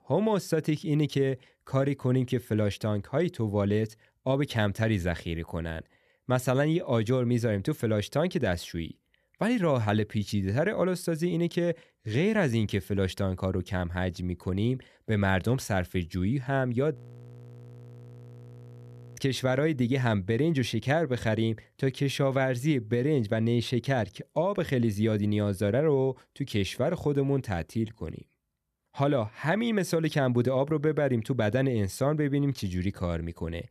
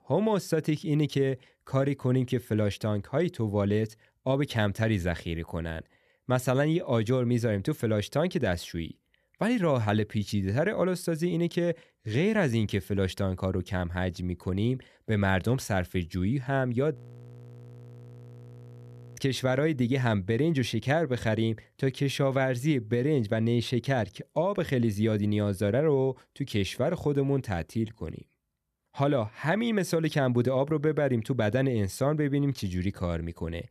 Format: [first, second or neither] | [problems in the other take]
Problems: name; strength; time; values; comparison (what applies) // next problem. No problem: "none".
neither | audio freezing; at 17 s for 2 s; the same in both